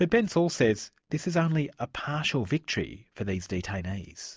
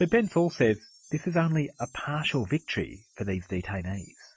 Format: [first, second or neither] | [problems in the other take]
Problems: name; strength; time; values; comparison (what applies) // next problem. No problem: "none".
first | noise reduction (classical method Wiener filter)